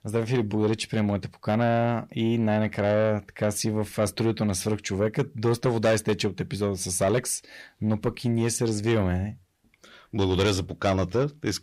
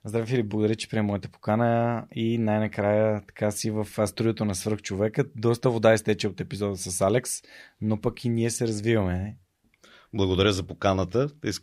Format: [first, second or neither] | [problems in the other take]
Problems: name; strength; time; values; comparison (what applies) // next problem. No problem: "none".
second | distortion; slight; 10 dB below the speech